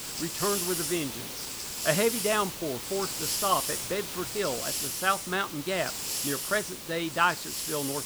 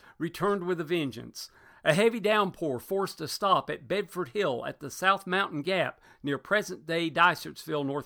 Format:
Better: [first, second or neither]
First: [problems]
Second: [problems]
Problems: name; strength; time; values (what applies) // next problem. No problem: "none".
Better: second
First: hiss; loud; throughout; 1 dB below the speech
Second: none